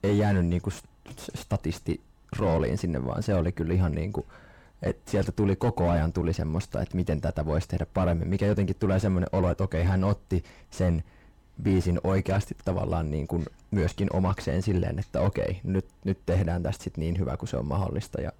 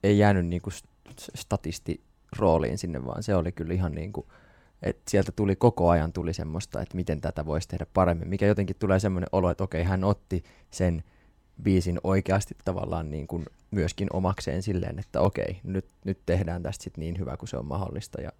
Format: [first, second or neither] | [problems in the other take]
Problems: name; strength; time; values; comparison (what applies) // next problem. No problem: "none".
second | distortion; heavy; 6 dB below the speech